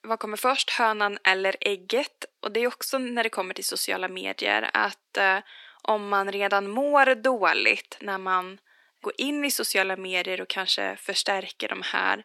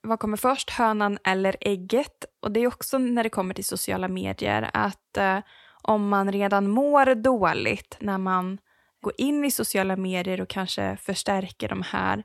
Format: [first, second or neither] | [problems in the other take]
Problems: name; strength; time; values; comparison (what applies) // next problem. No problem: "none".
second | thin; somewhat; fading below 300 Hz